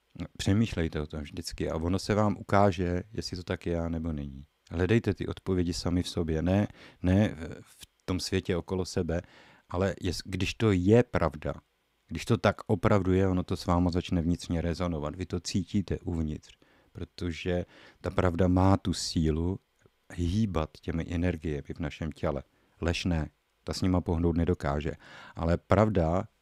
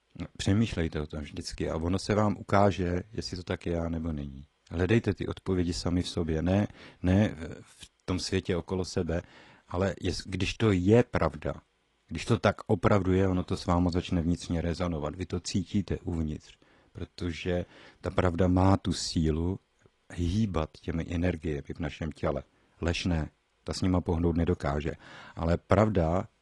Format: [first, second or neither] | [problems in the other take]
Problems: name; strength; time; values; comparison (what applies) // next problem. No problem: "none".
first | garbled, watery; slightly; nothing above 10.5 kHz